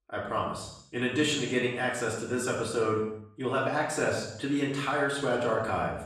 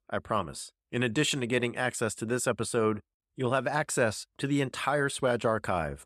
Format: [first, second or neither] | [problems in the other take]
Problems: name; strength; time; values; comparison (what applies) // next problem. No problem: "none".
second | room echo; noticeable; dies away in 0.7 s // off-mic speech; far